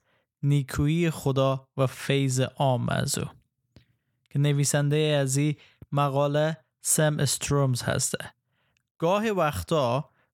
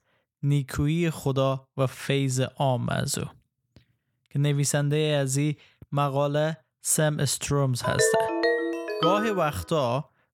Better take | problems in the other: first | phone ringing; loud; from 8 to 9.5 s; peak 3 dB above the speech

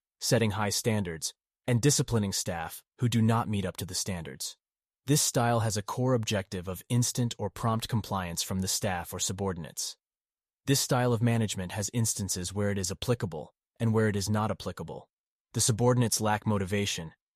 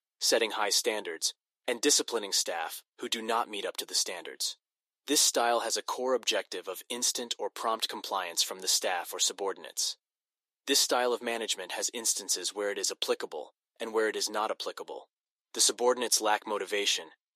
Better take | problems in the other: first | thin; very; fading below 300 Hz

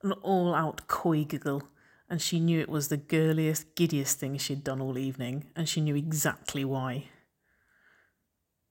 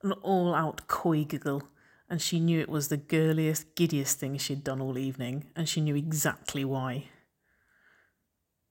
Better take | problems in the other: neither | none

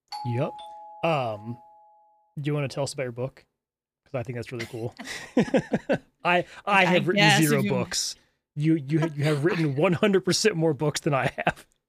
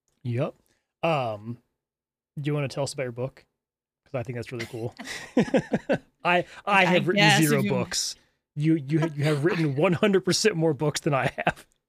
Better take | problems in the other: second | doorbell; faint; until 1.5 s; peak 10 dB below the speech

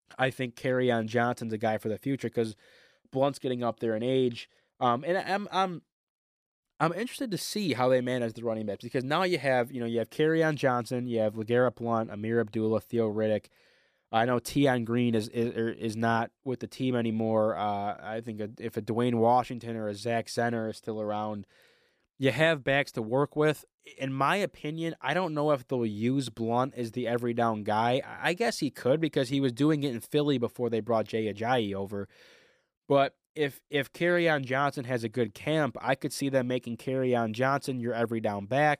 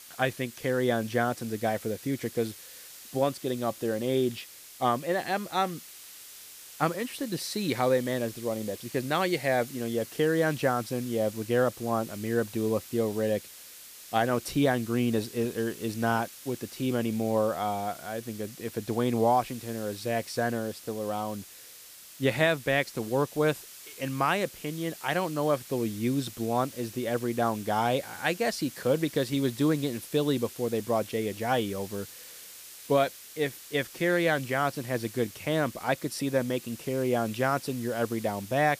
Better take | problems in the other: first | hiss; noticeable; throughout; 15 dB below the speech

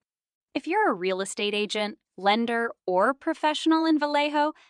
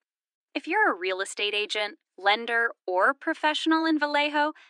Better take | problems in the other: first | thin; very slightly; fading below 300 Hz

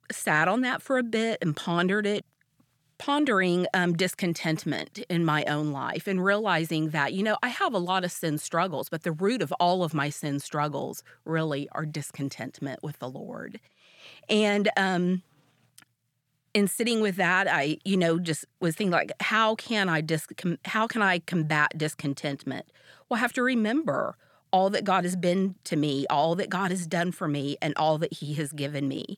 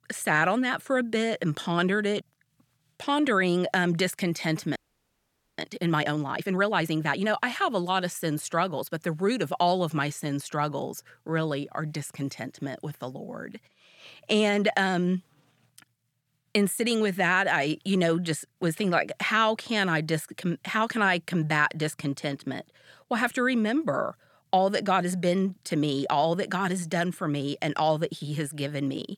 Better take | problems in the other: first | audio freezing; at 5 s for 1 s

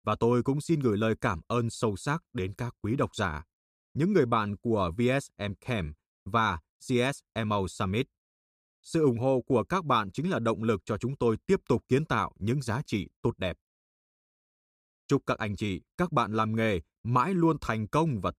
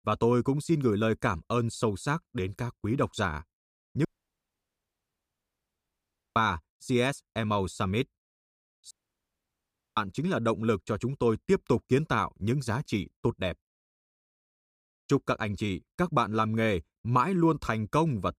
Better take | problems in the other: first | audio cutting out; at 4 s for 2.5 s and at 9 s for 1 s

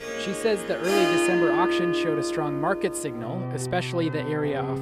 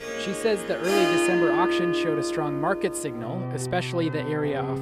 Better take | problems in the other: neither | background music; very loud; throughout; 1 dB above the speech; the same in both

